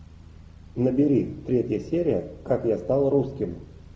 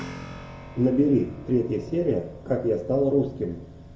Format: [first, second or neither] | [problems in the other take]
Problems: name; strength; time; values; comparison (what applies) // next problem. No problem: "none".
first | background sound (Keyboard (musical)); 19 dB below the speech // room echo; dies away in 0.9 s